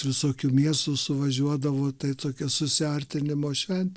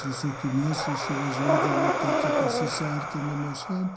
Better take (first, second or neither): first